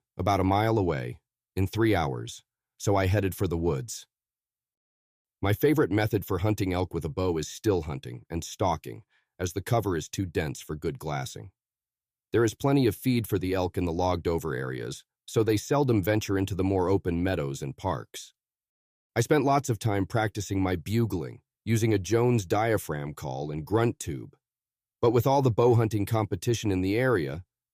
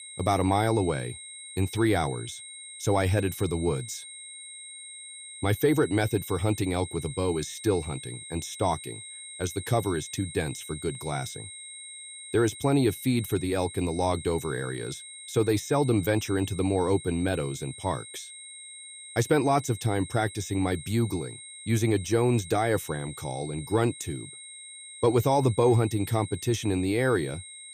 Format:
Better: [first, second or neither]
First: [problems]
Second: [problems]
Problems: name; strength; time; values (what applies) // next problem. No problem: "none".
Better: first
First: none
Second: high-pitched whine; noticeable; throughout; 8.5 kHz, 15 dB below the speech